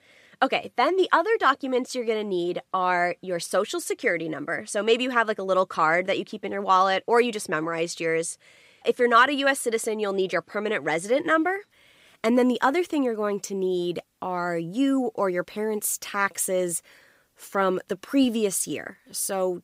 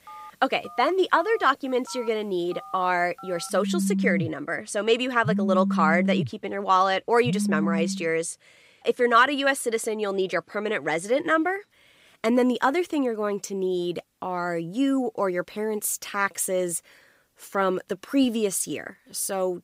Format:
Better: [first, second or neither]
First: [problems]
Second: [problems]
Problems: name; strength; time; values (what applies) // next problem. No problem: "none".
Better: first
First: none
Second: alarms or sirens; loud; until 8 s; 2 dB below the speech